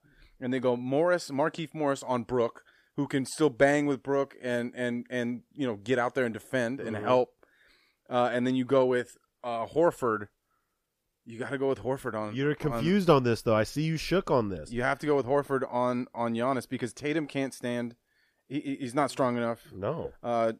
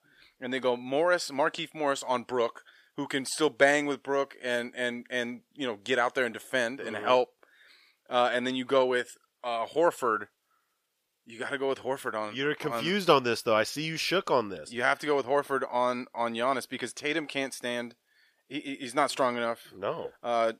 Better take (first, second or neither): first